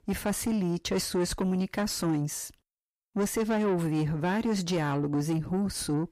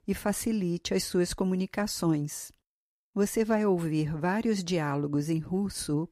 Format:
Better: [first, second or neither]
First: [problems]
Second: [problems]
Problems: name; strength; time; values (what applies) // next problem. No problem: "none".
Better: second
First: distortion; slight; 10 dB below the speech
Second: none